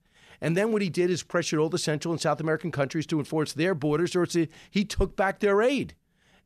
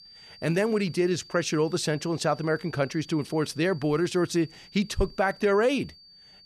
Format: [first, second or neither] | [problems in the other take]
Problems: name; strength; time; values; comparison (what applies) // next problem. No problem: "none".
first | high-pitched whine; faint; throughout; 4.5 kHz, 20 dB below the speech